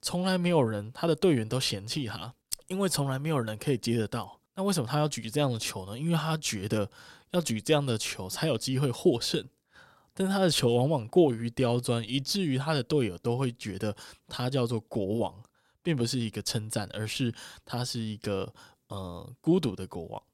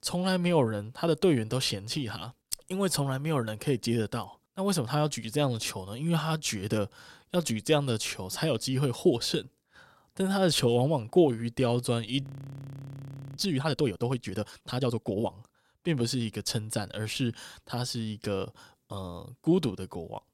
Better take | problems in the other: first | audio freezing; at 12 s for 1 s

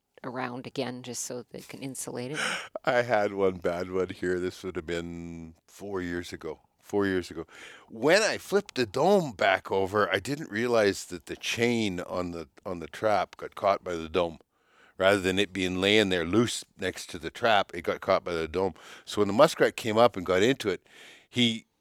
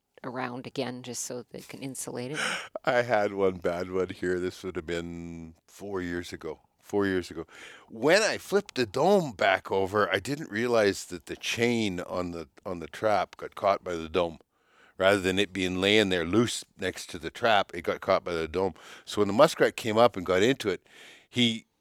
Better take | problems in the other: neither | none

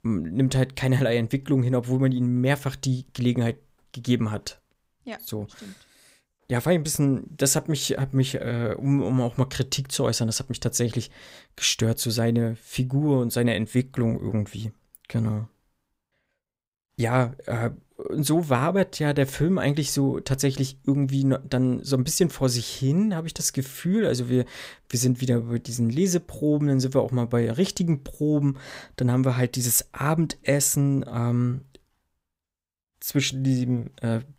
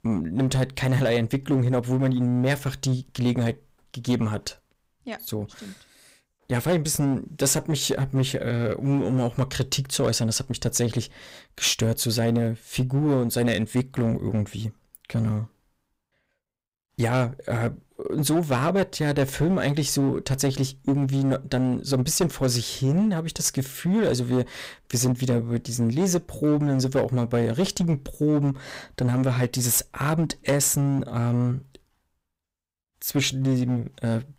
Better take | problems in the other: first | distortion; slight; 8% of the sound clipped

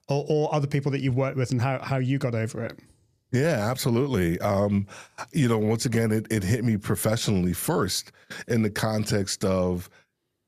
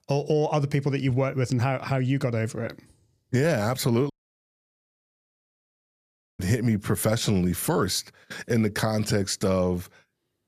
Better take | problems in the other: first | audio cutting out; at 4 s for 2.5 s

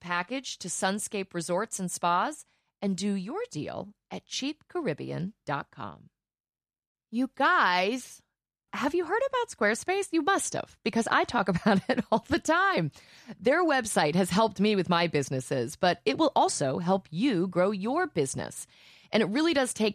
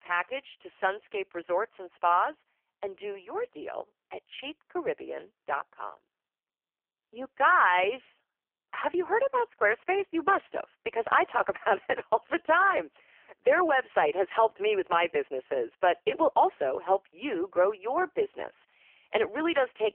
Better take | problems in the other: first | phone-call audio; poor line; nothing above 3 kHz

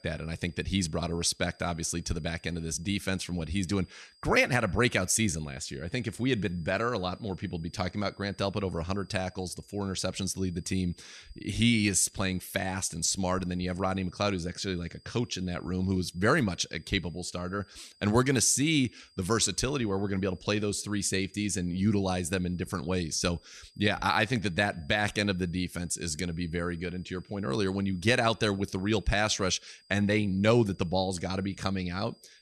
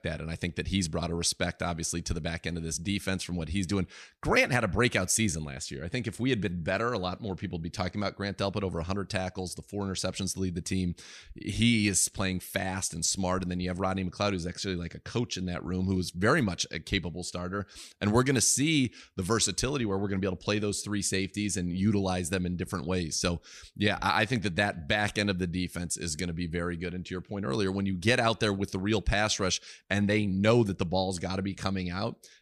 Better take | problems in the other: second | high-pitched whine; faint; throughout; 5 kHz, 30 dB below the speech

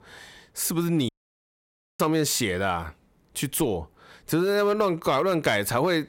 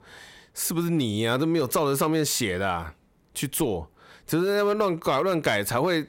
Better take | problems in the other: second | audio cutting out; at 1 s for 1 s

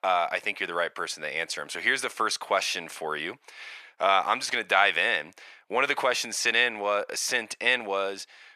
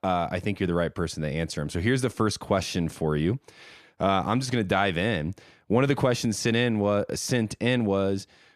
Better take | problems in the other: second | thin; very; fading below 800 Hz

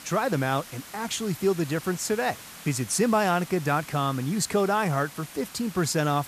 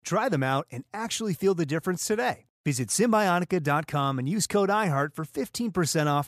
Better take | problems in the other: second | hiss; noticeable; throughout; 15 dB below the speech

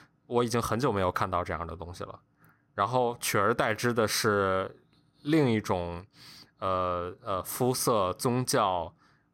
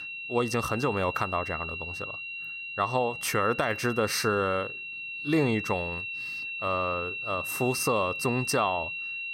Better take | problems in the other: first | high-pitched whine; loud; throughout; 2.5 kHz, 5 dB below the speech

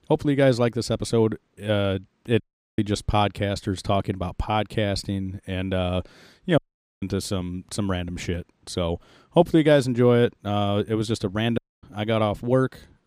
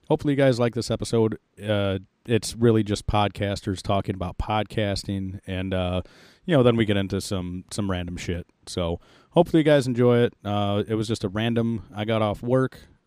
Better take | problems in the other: second | audio cutting out; at 2.5 s, at 6.5 s and at 12 s

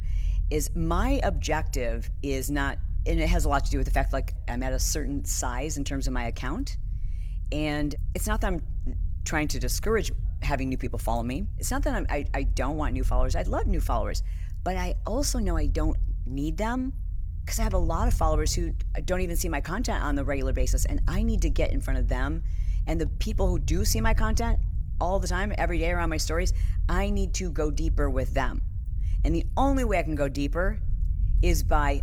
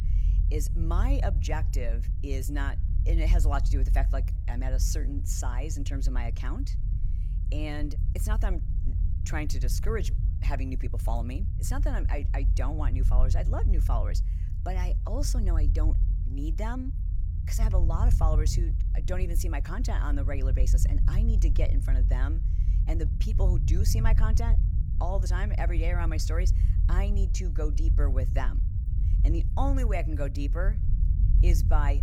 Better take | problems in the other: first | low rumble; loud; throughout; 9 dB below the speech; faint in the first

